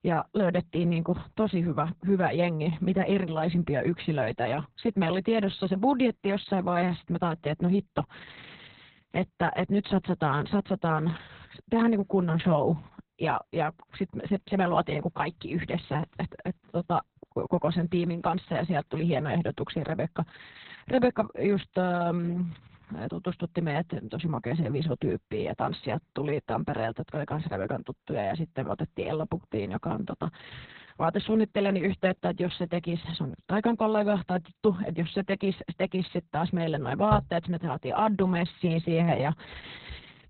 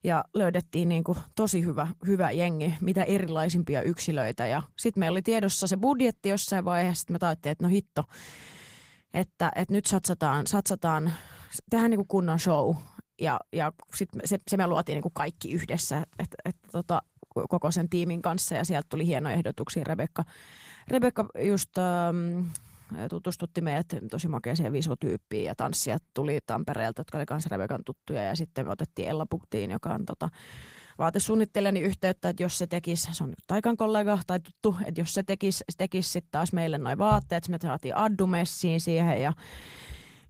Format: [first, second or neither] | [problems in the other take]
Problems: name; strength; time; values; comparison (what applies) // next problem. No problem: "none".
second | garbled, watery; badly; nothing above 4 kHz; slightly in the second